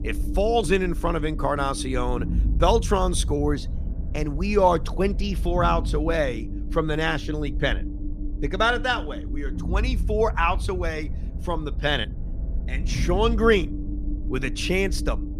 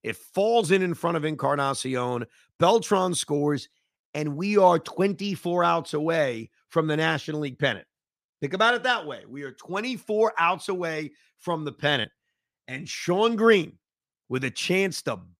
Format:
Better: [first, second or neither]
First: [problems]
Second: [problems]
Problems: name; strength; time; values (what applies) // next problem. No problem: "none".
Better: second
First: low rumble; noticeable; throughout; 15 dB below the speech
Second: none